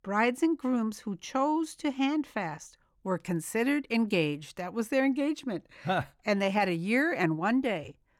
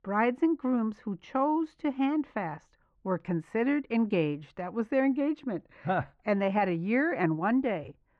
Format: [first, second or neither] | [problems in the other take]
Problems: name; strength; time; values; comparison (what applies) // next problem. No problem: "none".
first | muffled; very; fading above 2 kHz